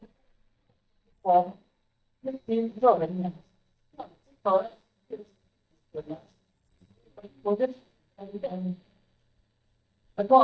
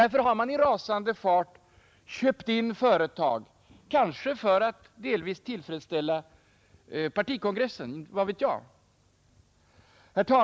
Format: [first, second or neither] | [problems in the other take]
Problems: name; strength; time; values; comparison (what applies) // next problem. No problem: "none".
second | noise reduction (neural mask model DeepFilterNet 3)